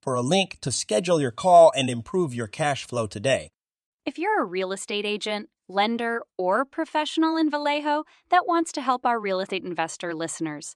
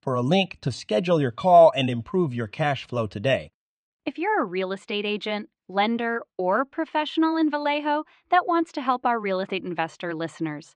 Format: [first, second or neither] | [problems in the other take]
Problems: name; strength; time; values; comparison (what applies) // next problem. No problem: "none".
first | muffled; slightly; fading above 3 kHz